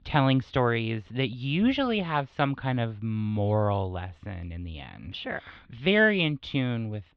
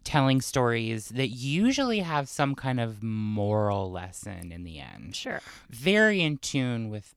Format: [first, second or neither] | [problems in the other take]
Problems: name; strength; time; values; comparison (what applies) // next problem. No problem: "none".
second | muffled; very; fading above 3.5 kHz